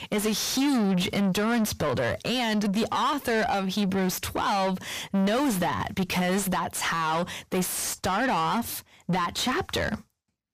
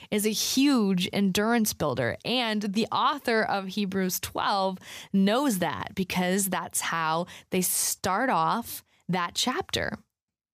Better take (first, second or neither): second